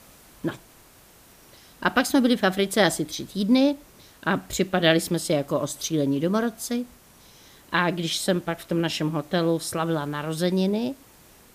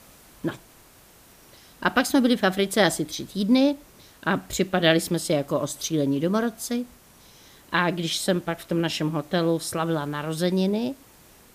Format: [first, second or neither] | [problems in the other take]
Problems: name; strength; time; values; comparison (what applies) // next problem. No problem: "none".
neither | hiss; faint; throughout; 25 dB below the speech; the same in both